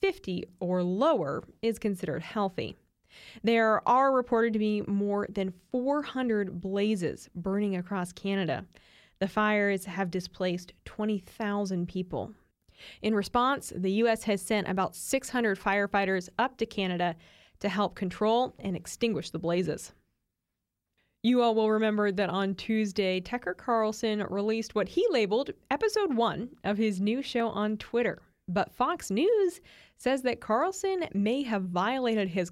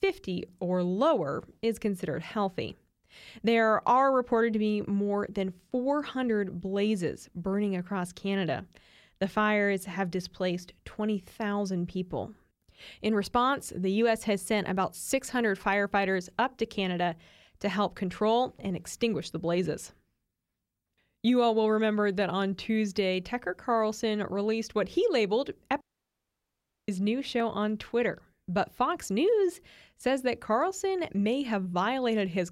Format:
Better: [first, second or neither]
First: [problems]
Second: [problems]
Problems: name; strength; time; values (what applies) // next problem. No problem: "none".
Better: first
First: none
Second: audio cutting out; at 26 s for 1 s